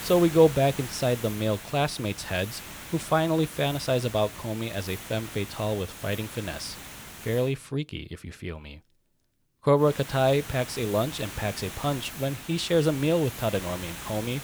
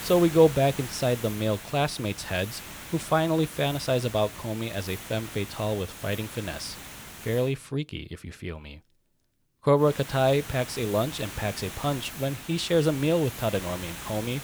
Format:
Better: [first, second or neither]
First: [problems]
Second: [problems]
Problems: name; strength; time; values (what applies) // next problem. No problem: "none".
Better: neither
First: hiss; noticeable; until 7.5 s and from 10 s on; 10 dB below the speech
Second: hiss; noticeable; until 7.5 s and from 10 s on; 10 dB below the speech